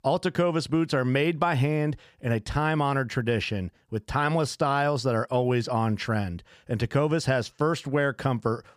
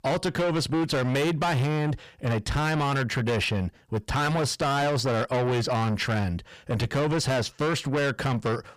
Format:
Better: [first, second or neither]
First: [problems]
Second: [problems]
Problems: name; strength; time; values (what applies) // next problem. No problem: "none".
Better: first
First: none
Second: distortion; heavy; 6 dB below the speech